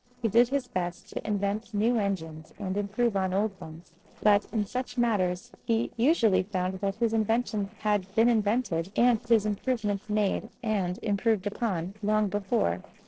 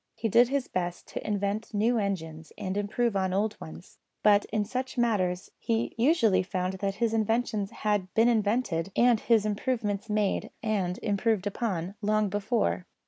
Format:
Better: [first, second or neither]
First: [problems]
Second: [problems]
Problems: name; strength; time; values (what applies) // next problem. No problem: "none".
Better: second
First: noise reduction (neural separator model SepFormer DNS4)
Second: none